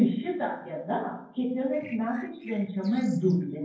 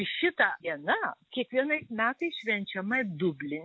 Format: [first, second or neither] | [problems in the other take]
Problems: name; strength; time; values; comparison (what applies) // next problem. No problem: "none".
second | noise reduction (neural separator model SepFormer DNS4)